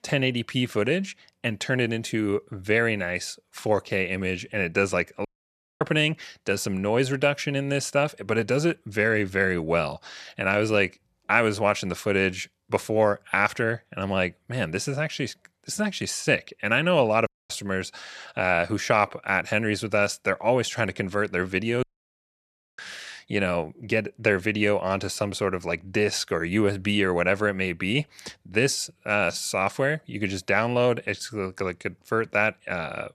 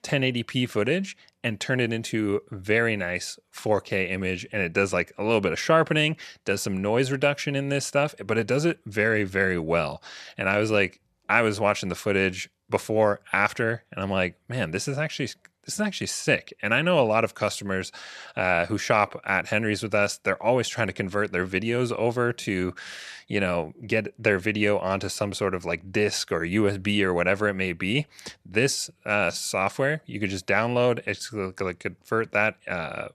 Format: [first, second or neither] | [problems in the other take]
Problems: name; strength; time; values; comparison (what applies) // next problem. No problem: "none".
second | audio cutting out; at 5.5 s for 0.5 s, at 17 s and at 22 s for 1 s